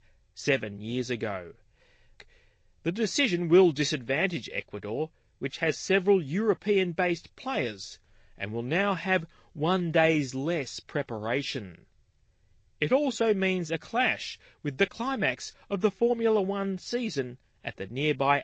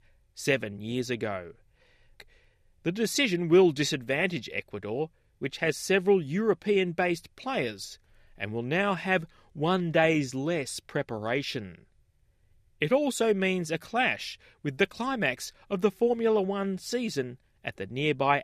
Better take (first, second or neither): second